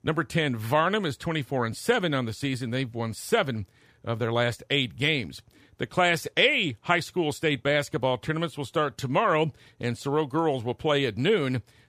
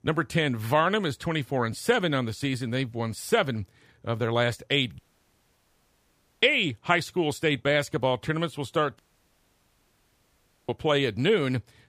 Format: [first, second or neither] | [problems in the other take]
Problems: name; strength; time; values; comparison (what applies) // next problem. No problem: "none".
first | audio cutting out; at 5 s for 1.5 s and at 9 s for 1.5 s